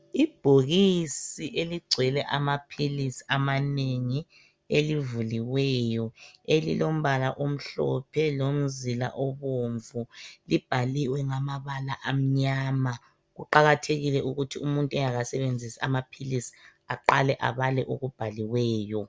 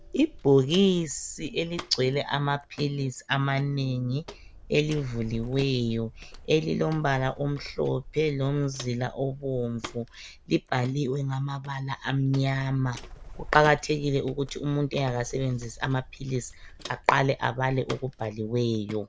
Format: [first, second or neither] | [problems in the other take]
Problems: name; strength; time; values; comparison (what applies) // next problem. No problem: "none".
first | background sound (Bird + Walk, footsteps); 17 dB below the speech